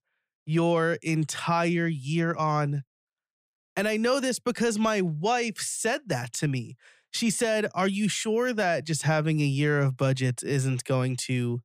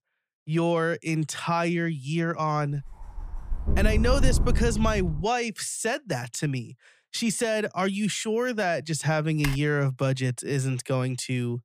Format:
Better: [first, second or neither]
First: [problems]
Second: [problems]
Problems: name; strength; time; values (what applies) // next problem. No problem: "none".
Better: first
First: none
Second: dog barking; loud; from 3 to 5 s; peak 1 dB above the speech // keyboard typing; noticeable; at 9.5 s; peak 8 dB below the speech